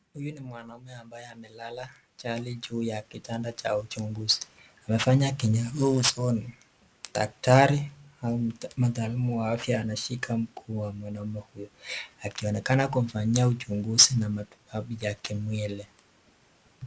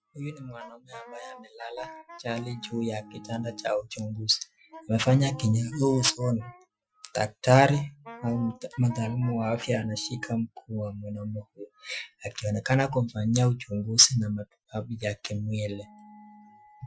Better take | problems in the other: first | noise reduction (classical method Wiener filter)

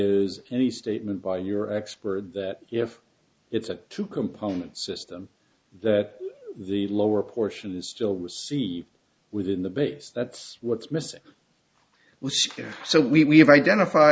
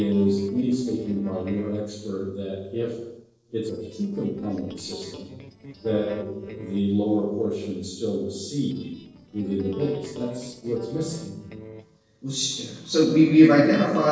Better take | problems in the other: first | noise reduction (neural separator model SepFormer DNS4)

